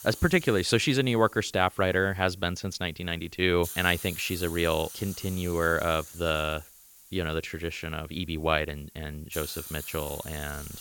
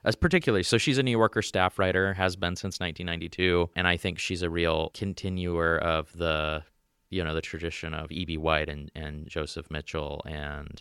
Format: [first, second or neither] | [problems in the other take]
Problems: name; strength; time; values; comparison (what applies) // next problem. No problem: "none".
second | hiss; noticeable; throughout; 15 dB below the speech